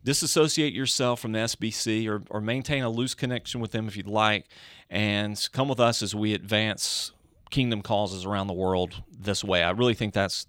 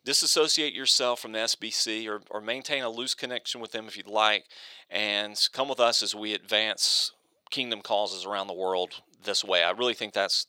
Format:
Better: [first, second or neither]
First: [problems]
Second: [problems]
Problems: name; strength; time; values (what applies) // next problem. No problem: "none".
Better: first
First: none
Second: thin; somewhat; fading below 500 Hz